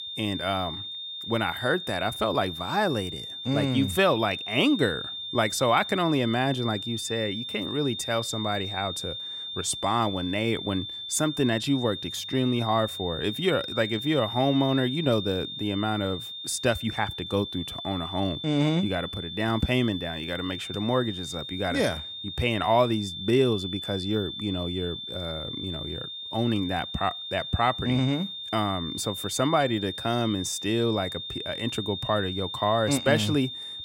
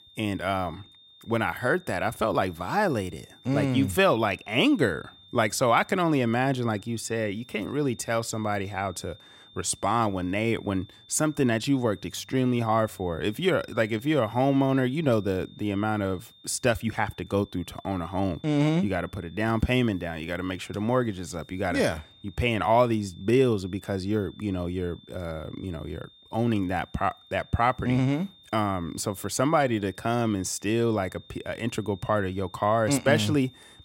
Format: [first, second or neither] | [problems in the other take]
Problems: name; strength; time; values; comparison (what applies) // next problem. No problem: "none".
second | high-pitched whine; loud; throughout; 3.5 kHz, 7 dB below the speech; faint in the second